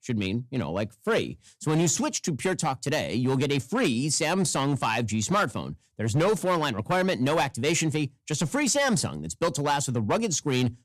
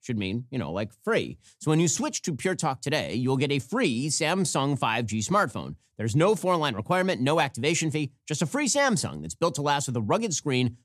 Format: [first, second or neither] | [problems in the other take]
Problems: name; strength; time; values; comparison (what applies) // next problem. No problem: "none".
second | distortion; slight; 6% of the sound clipped